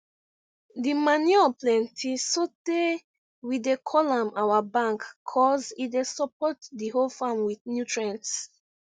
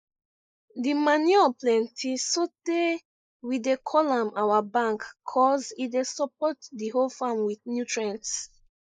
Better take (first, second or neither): first